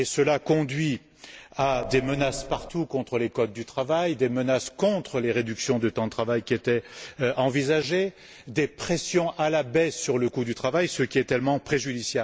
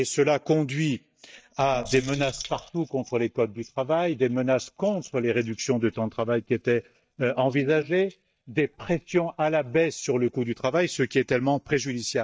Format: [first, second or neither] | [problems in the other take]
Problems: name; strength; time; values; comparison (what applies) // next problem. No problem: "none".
first | noise reduction (neural mask model DeepFilterNet 3)